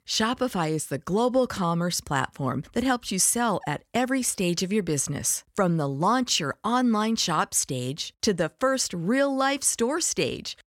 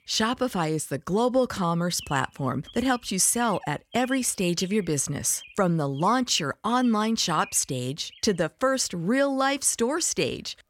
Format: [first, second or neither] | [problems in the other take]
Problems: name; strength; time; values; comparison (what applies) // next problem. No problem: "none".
first | animal sounds; faint; throughout; 20 dB below the speech